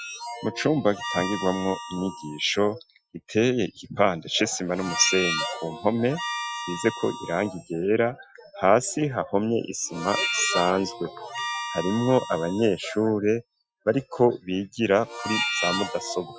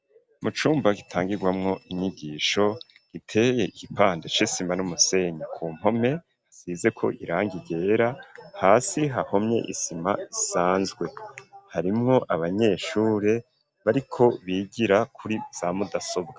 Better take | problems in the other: second | noise reduction (classical method Wiener filter)

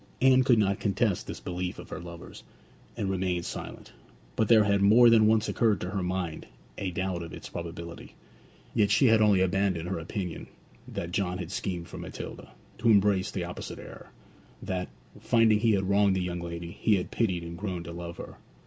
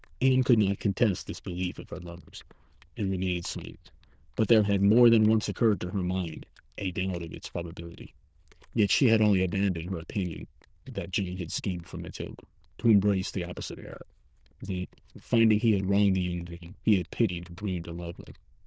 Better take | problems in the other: first | noise reduction (neural diffusion model UNIVERSE++)

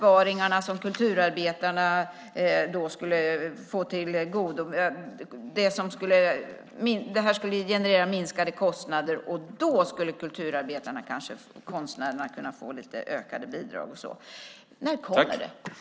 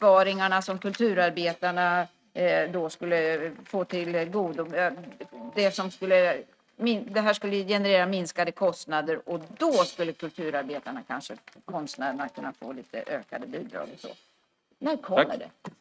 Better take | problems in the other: first | noise reduction (neural mask model RNNoise)

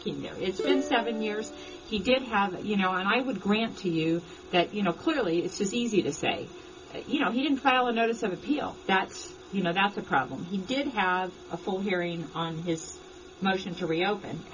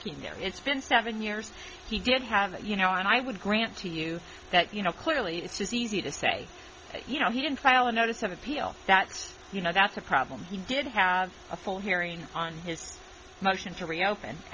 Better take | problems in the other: second | background sound (Plucked string instrument); 6 dB below the speech // room echo; dies away in 0.2 s

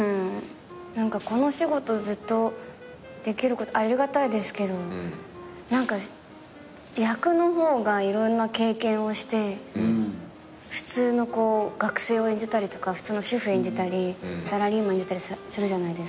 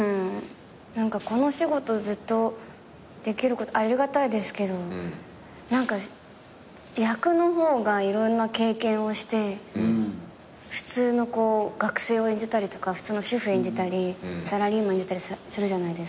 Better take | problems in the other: second | background sound (Wind instrument, woodwind instrument); 19 dB below the speech

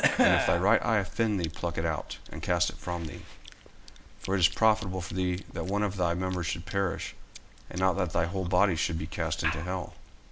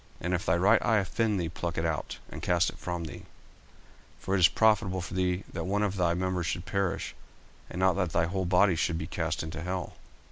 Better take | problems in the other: second | background sound (Chewing, mastication / Cough); 8 dB below the speech // room echo; dies away in 0.4 s

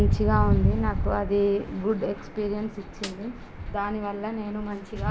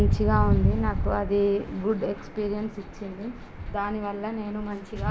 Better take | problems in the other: second | background sound (Snare drum); 16 dB below the speech

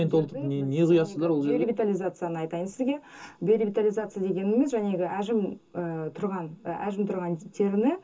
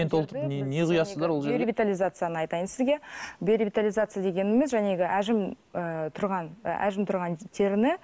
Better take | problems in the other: second | room echo; dies away in 0.2 s

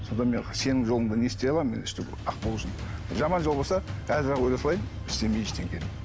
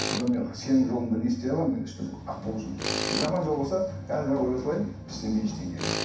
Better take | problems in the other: first | background sound (Tools); 9 dB below the speech // room echo; dies away in 0.7 s

